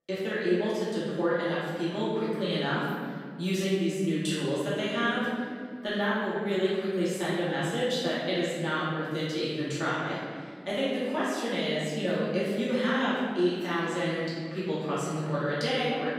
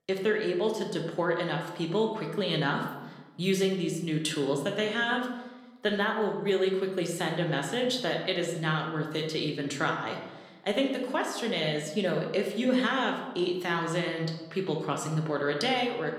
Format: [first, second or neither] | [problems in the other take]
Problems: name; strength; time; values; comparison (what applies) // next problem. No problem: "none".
second | room echo; strong; dies away in 1.9 s; slight in the second // off-mic speech; far